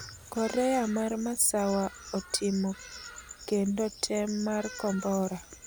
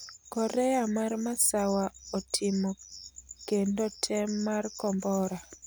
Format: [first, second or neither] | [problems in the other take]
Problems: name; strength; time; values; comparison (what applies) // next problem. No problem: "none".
second | background sound (Bird vocalization, bird call, bird song); 19 dB below the speech